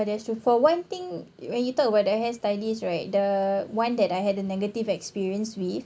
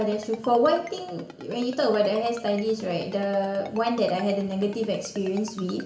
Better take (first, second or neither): first